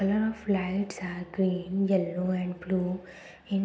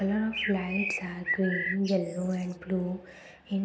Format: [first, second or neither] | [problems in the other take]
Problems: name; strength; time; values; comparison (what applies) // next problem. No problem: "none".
first | background sound (Bird); 5 dB below the speech